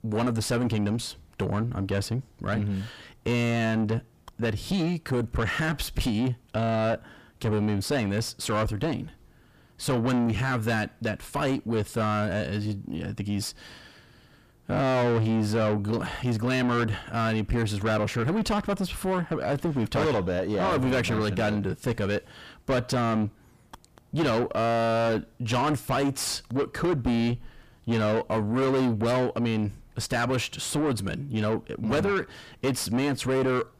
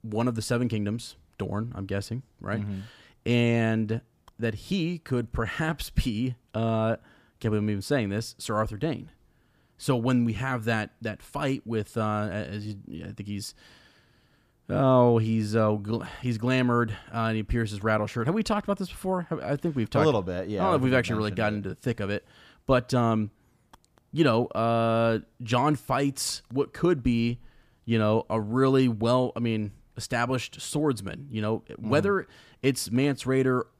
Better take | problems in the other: second | distortion; heavy; 6 dB below the speech

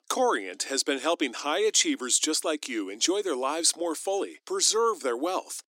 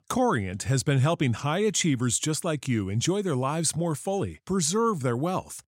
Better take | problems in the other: second | thin; somewhat; fading below 300 Hz

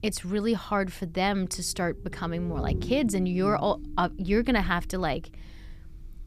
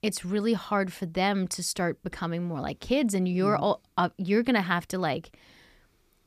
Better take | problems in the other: second | low rumble; noticeable; throughout; 15 dB below the speech

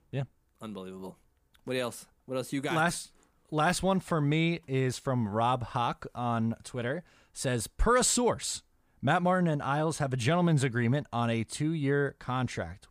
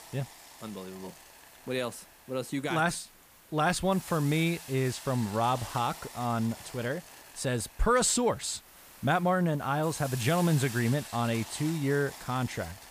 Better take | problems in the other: first | hiss; noticeable; throughout; 15 dB below the speech

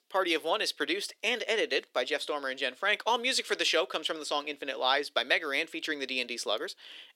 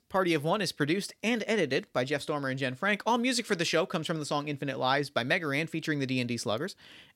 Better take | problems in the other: second | thin; somewhat; fading below 350 Hz

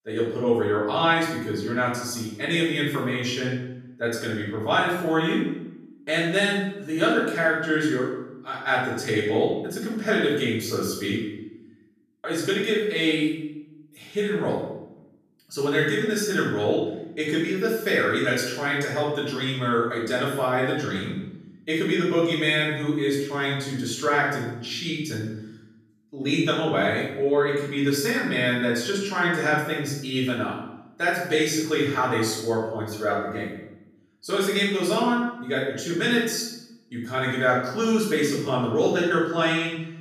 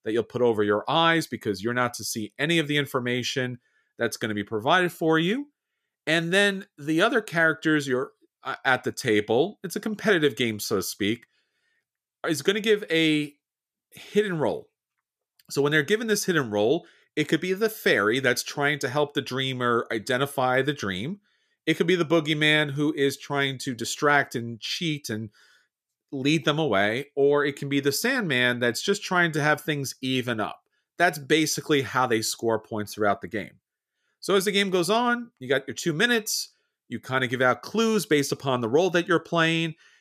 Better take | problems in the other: second | room echo; noticeable; dies away in 0.7 s // off-mic speech; far

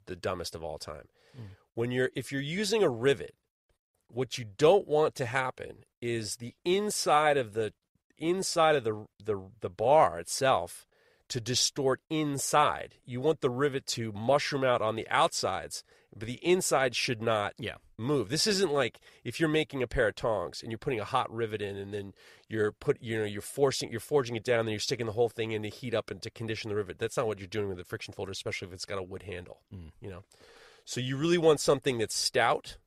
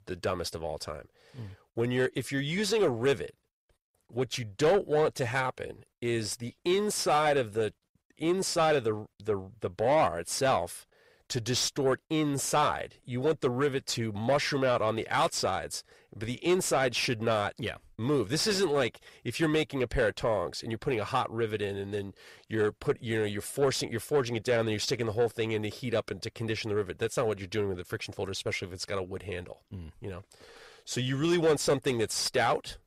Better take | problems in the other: first | distortion; slight; 10 dB below the speech

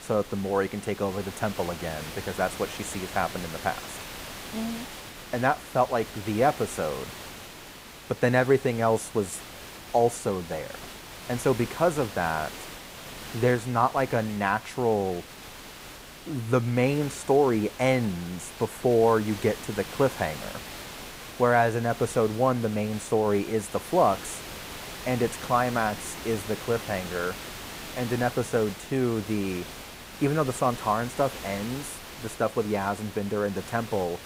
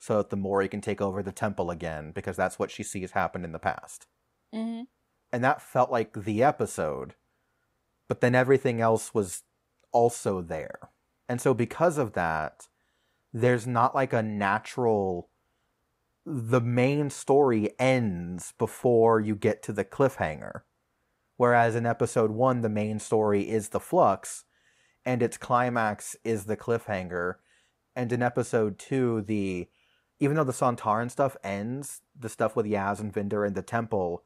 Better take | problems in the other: second | hiss; noticeable; throughout; 10 dB below the speech

